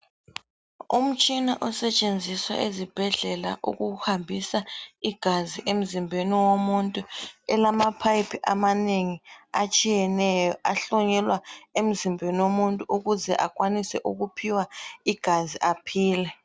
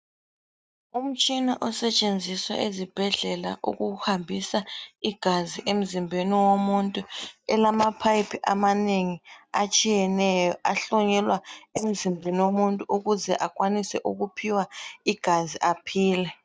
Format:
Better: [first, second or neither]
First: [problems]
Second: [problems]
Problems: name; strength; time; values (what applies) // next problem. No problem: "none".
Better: first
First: none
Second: noise reduction (neural mask model DeepFilterNet 3)